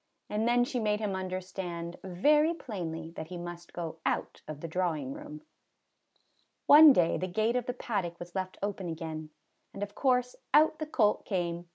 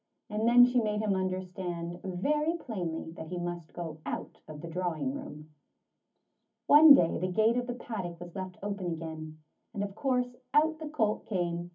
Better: first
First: none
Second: room echo; dies away in 0.3 s

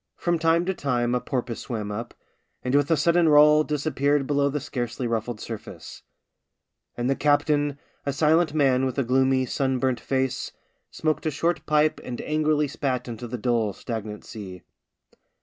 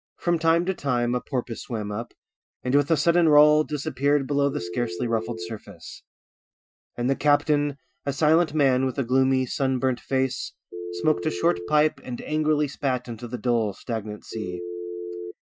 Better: first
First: none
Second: noise reduction (classical method Wiener filter)

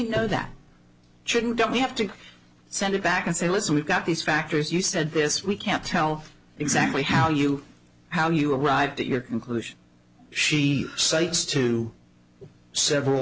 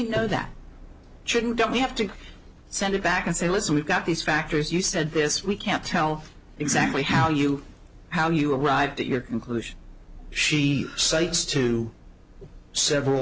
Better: first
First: none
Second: background sound (Subway, metro, underground); 20 dB below the speech

